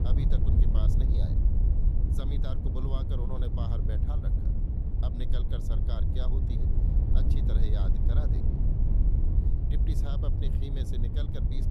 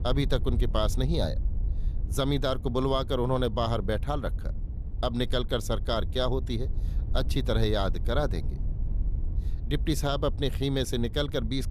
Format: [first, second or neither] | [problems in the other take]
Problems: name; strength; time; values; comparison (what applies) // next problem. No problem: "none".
second | wind noise on the microphone; heavy; 1 dB above the speech; occasional gusts in the second